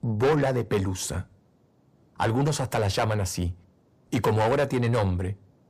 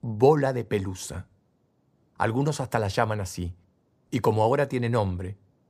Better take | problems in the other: second | distortion; heavy; 6 dB below the speech

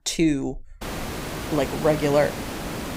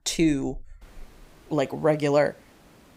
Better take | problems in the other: second | hiss; loud; from 1 s on; 8 dB below the speech; faint in the second

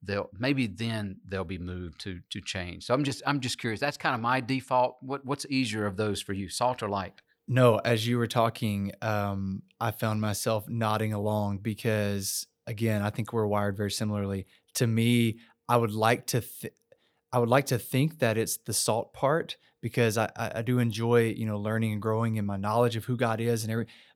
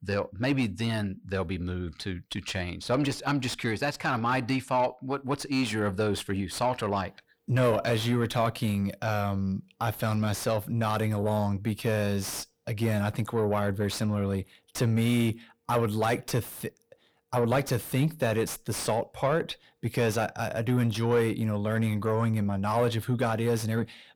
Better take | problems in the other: first | distortion; slight; 10 dB below the speech

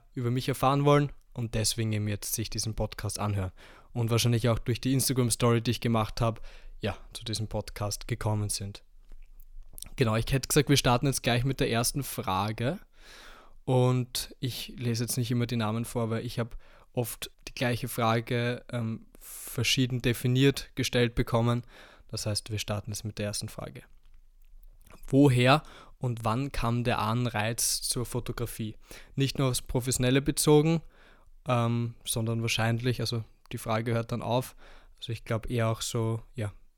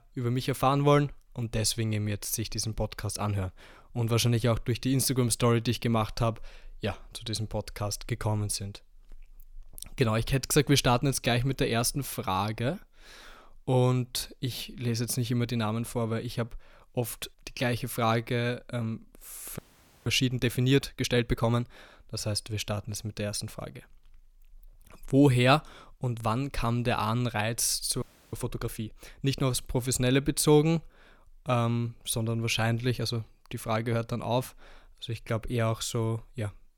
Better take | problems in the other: first | audio freezing; at 20 s and at 28 s

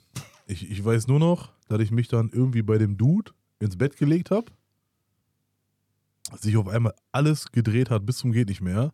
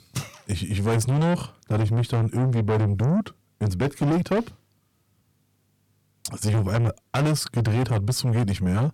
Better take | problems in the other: first | distortion; heavy; 6 dB below the speech

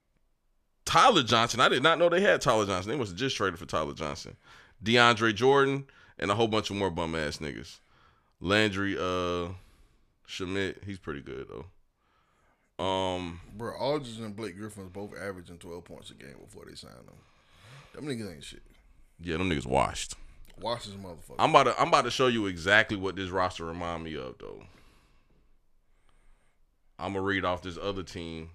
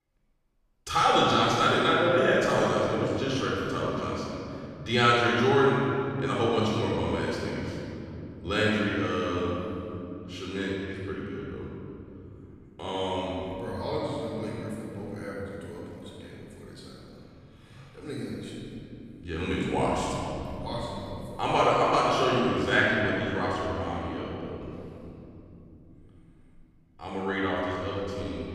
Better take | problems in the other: first | off-mic speech; far // room echo; strong; dies away in 3 s

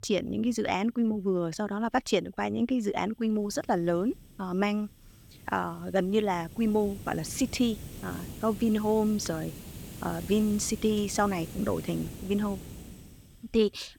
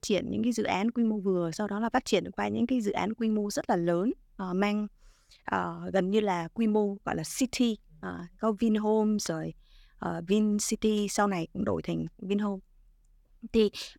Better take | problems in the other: second | hiss; noticeable; throughout; 15 dB below the speech

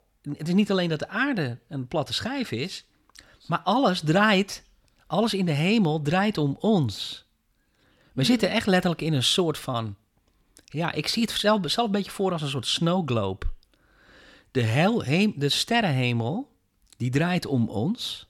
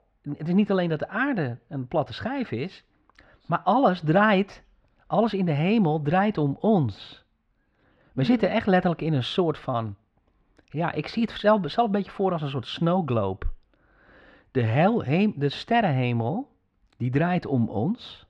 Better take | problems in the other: first | muffled; very; fading above 2 kHz

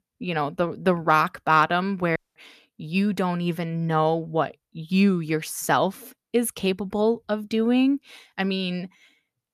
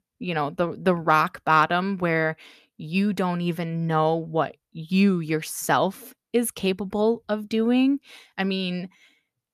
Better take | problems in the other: second | audio cutting out; at 2 s

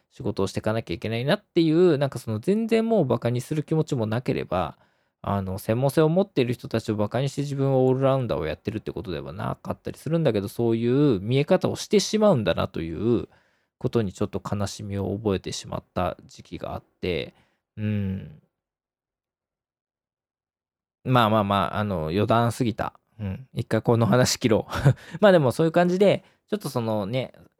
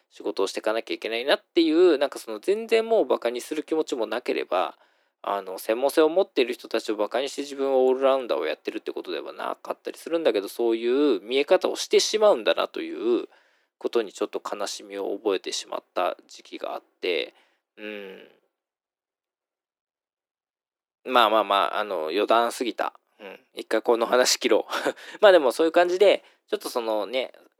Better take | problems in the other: first | thin; somewhat; fading below 300 Hz

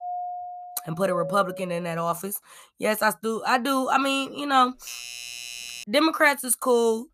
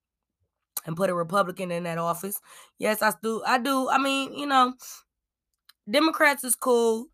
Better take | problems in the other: second | doorbell; noticeable; until 2 s; peak 8 dB below the speech // doorbell; faint; from 5 to 6 s; peak 10 dB below the speech

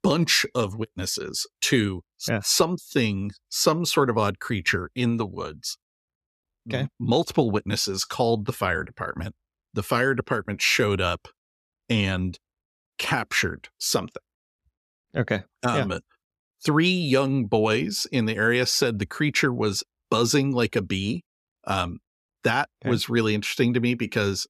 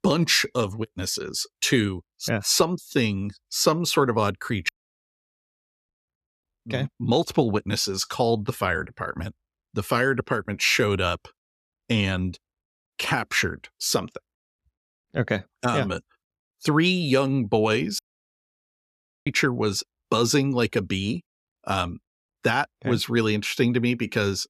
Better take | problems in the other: first | audio cutting out; at 4.5 s for 1 s and at 18 s for 1.5 s

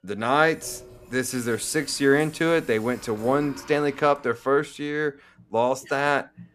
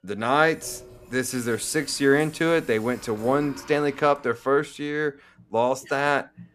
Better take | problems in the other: neither | household noises; faint; throughout; 20 dB below the speech; the same in both

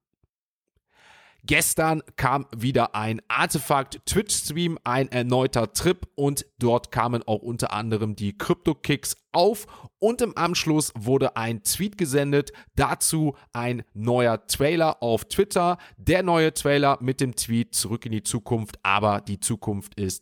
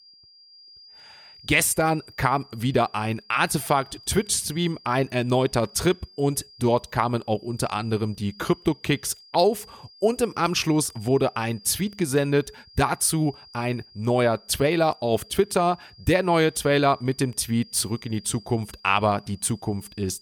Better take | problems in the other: first | high-pitched whine; faint; throughout; 5 kHz, 25 dB below the speech

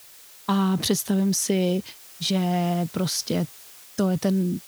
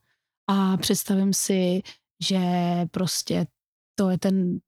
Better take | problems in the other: second | hiss; noticeable; throughout; 20 dB below the speech

